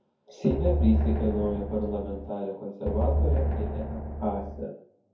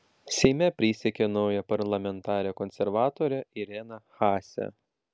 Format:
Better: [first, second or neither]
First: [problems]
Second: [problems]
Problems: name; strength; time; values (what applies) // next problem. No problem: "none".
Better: second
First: background sound (Drum); 2 dB above the speech // room echo; dies away in 0.6 s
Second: none